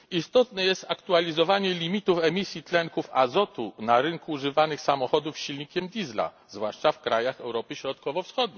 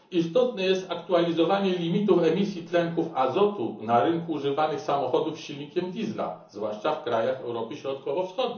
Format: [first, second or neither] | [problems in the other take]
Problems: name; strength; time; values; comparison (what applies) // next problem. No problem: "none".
first | room echo; dies away in 0.8 s